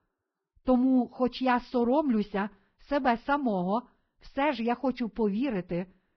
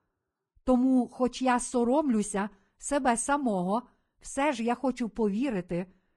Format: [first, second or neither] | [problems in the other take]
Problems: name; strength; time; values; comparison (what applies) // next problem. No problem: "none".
second | garbled, watery; badly; nothing above 5.5 kHz; slightly in the second